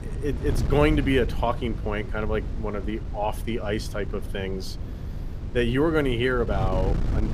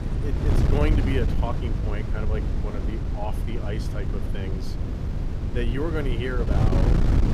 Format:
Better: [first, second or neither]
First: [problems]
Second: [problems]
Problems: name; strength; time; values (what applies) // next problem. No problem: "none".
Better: first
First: wind noise on the microphone; occasional gusts; 15 dB below the speech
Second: wind noise on the microphone; heavy; 2 dB below the speech